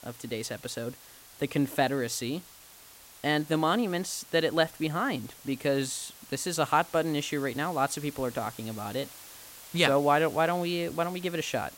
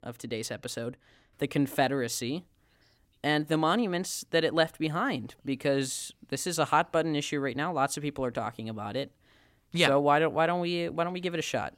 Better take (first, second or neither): second